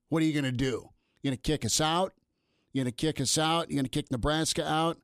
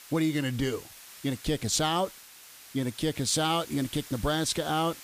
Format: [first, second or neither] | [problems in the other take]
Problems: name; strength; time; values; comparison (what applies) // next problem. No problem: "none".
first | hiss; noticeable; throughout; 15 dB below the speech